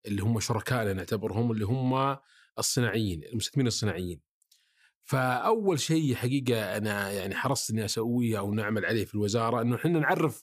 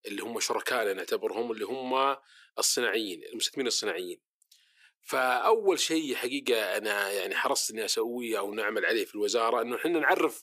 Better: first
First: none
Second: thin; very; fading below 350 Hz

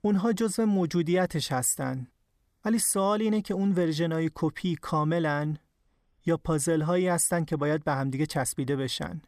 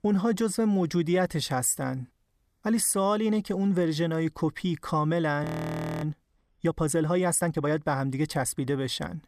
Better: first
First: none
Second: audio freezing; at 5.5 s for 0.5 s

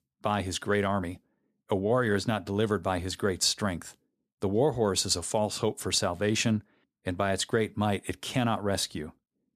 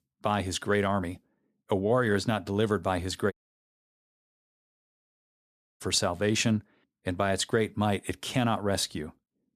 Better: first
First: none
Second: audio cutting out; at 3.5 s for 2.5 s

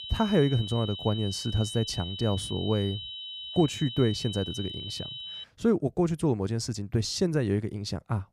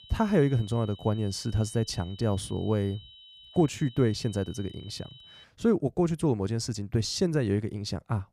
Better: second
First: high-pitched whine; loud; until 5.5 s; 3 kHz, 8 dB below the speech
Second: high-pitched whine; faint; until 5.5 s; 3 kHz, 20 dB below the speech

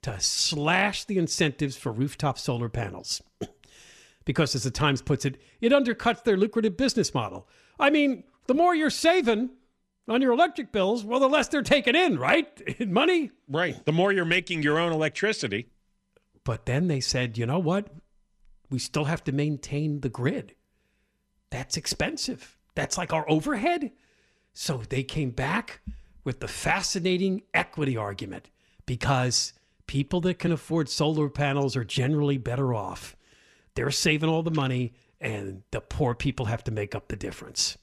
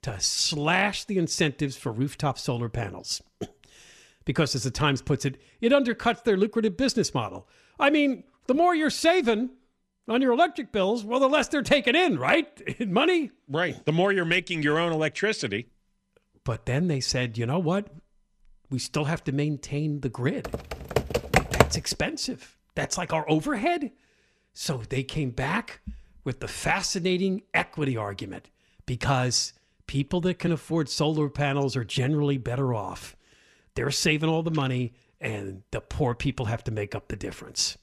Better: first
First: none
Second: keyboard typing; loud; from 20 to 22 s; peak 5 dB above the speech

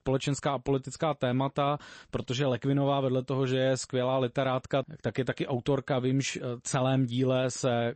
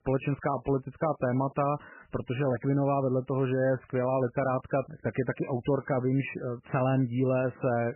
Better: first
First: garbled, watery; slightly; nothing above 8 kHz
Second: garbled, watery; badly; nothing above 3 kHz

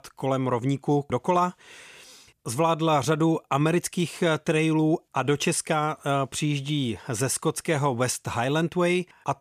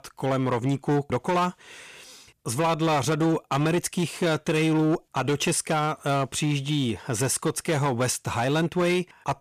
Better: first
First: none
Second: distortion; slight; 12% of the sound clipped

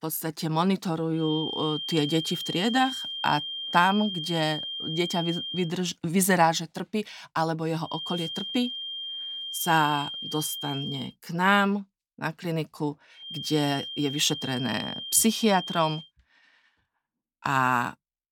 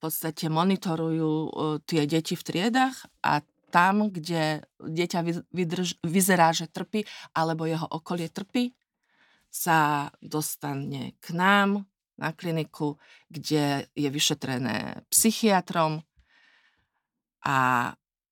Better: second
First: high-pitched whine; loud; from 1 to 5.5 s, from 8 to 11 s and from 13 to 16 s; 3 kHz, 6 dB below the speech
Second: none

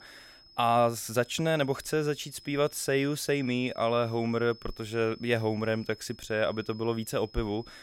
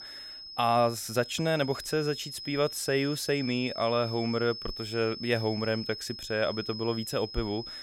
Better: first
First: high-pitched whine; faint; throughout; 5 kHz, 20 dB below the speech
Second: high-pitched whine; loud; throughout; 5 kHz, 9 dB below the speech

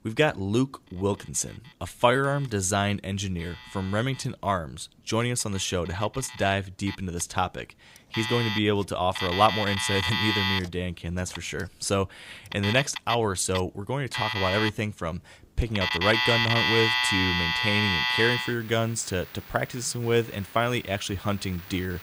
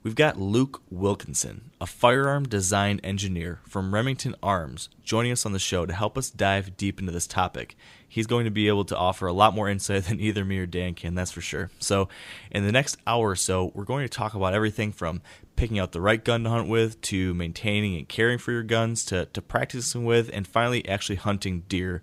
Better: second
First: alarms or sirens; very loud; throughout; 1 dB above the speech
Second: none

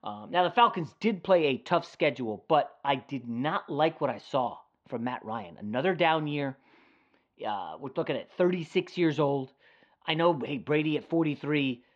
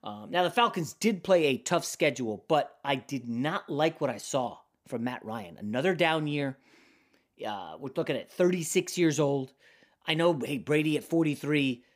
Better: second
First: muffled; very; fading above 3.5 kHz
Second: none

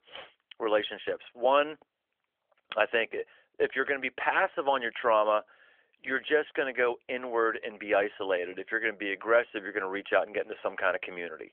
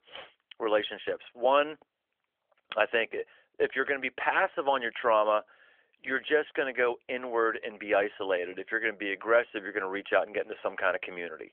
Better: neither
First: phone-call audio; nothing above 3.5 kHz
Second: phone-call audio; nothing above 3.5 kHz

